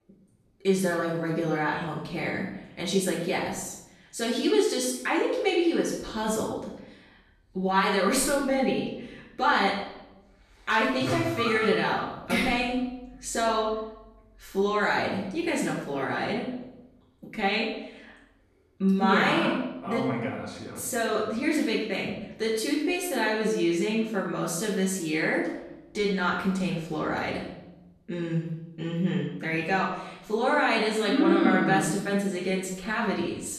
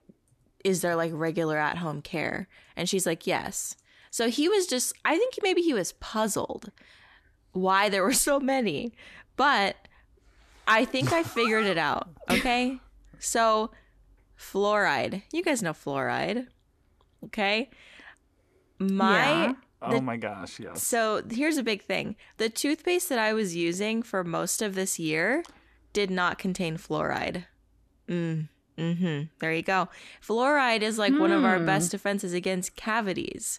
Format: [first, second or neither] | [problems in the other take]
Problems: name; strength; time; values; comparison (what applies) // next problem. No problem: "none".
second | off-mic speech; far // room echo; noticeable; dies away in 0.8 s